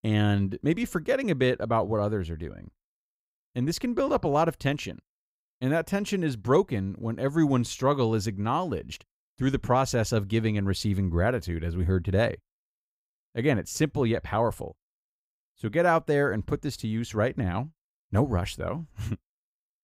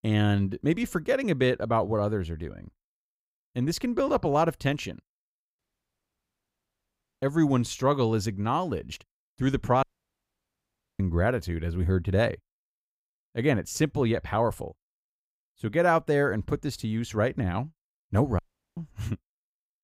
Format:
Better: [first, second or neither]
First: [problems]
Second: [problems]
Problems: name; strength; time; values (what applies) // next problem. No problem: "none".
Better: first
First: none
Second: audio cutting out; at 5.5 s for 1.5 s, at 10 s for 1 s and at 18 s